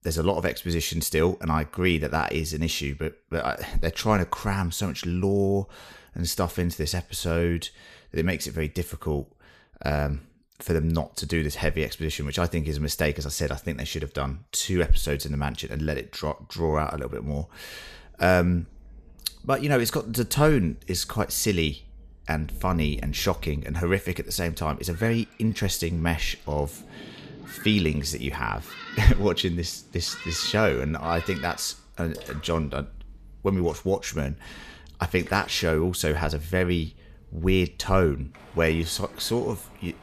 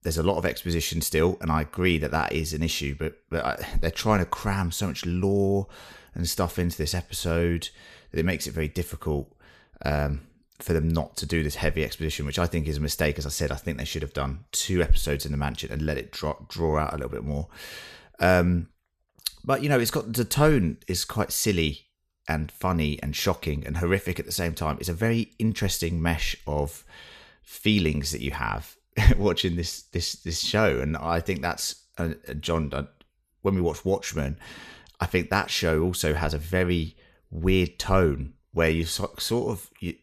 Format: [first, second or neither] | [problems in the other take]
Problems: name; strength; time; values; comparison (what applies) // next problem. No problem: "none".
second | rain or running water; noticeable; from 17 s on; 20 dB below the speech